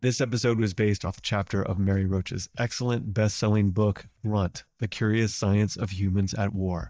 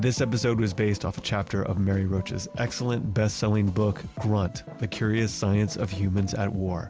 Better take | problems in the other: second | noise reduction (neural mask model DeepFilterNet 3)

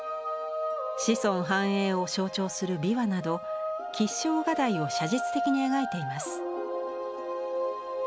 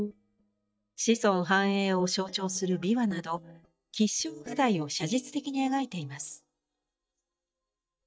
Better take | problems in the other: first | noise reduction (neural mask model DeepFilterNet 3)

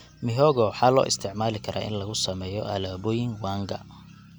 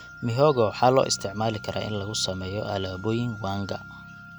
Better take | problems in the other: first | background sound (Wind instrument, woodwind instrument); 18 dB below the speech

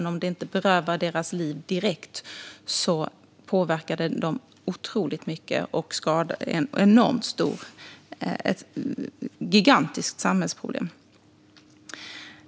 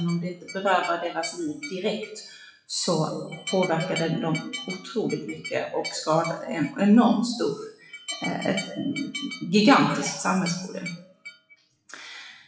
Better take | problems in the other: first | noise reduction (classical method WPE with log-MMSE)

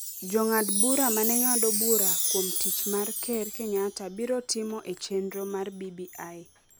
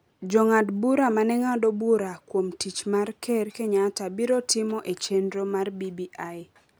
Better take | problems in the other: second | background sound (Chime); as loud as the speech

